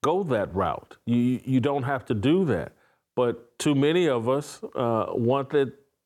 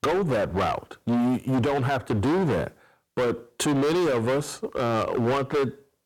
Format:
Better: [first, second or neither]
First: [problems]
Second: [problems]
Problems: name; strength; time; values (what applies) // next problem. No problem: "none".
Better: first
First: none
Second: distortion; heavy; 26% of the sound clipped